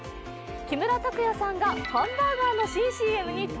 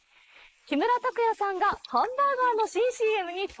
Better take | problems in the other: first | noise reduction (neural mask model Resemble Enhance denoiser)

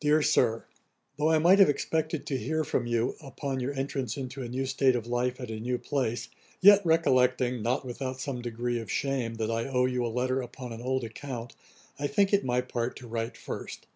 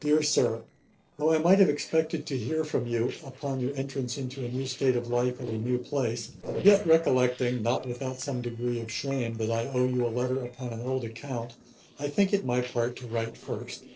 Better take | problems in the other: first | noise reduction (neural separator model SepFormer DNS4)

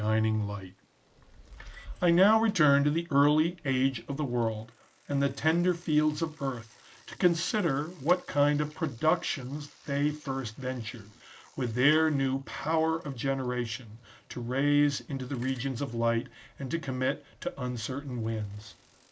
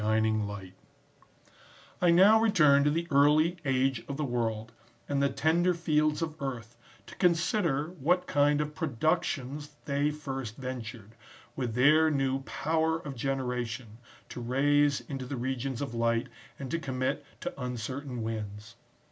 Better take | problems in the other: second | noise reduction (neural mask model Resemble Enhance denoiser)

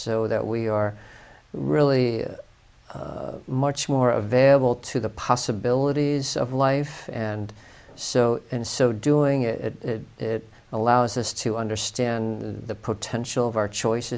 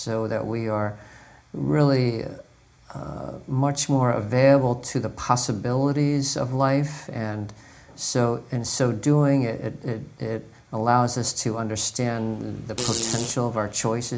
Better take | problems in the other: first | background sound (Fart); 9 dB below the speech // room echo; dies away in 0.4 s

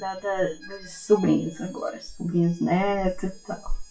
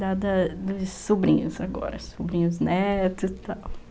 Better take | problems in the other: second | noise reduction (classical method WPE with log-MMSE)

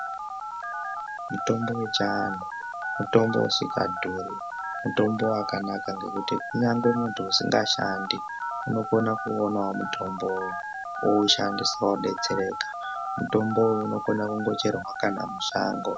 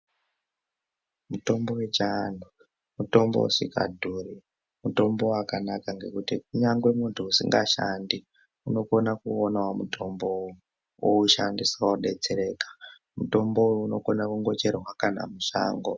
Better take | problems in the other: second | background sound (Telephone + Telephone); 6 dB below the speech

